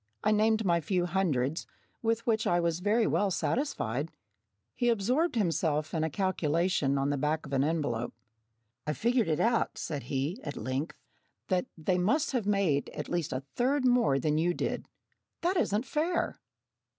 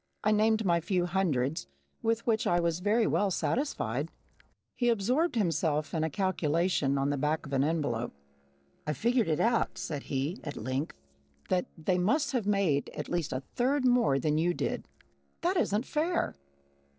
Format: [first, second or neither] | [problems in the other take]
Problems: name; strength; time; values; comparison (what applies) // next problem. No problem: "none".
first | noise reduction (neural separator model SepFormer DNS4)